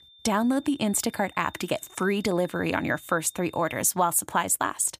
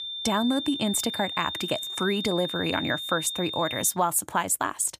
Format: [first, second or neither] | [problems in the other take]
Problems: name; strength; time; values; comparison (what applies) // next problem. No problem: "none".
first | high-pitched whine; loud; until 4 s; 3.5 kHz, 5 dB below the speech; faint in the first